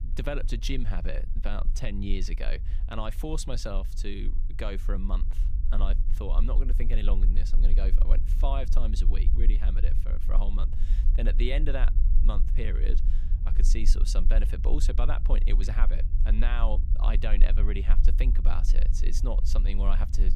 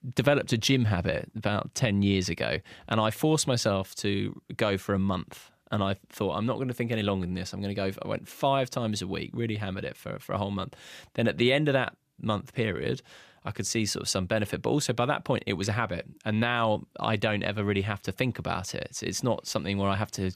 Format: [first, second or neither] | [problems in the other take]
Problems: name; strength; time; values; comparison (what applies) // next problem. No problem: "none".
second | low rumble; noticeable; throughout; 10 dB below the speech